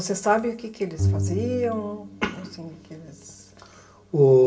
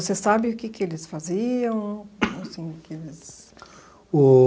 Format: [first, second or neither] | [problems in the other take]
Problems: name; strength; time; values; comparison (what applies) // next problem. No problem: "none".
second | background sound (Bowed string instrument); 6 dB below the speech // room echo; dies away in 0.7 s